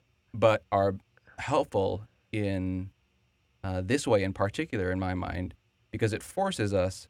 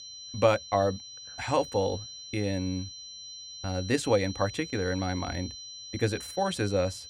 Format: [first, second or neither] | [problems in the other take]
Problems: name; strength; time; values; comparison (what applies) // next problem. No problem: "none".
first | high-pitched whine; noticeable; throughout; 4 kHz, 10 dB below the speech